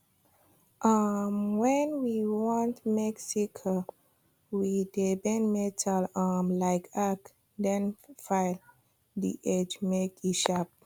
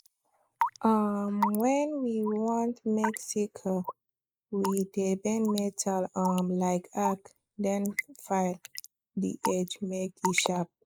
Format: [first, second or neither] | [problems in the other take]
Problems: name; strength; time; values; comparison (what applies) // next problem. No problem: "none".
first | noise reduction (neural mask model Resemble Enhance denoiser)